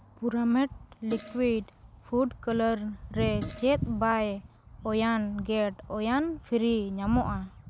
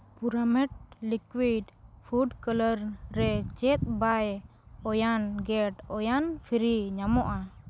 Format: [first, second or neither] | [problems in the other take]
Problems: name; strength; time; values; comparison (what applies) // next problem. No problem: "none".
second | background sound (Fart); 19 dB below the speech